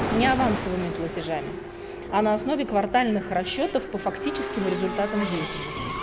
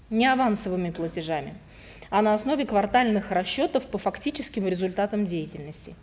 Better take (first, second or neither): second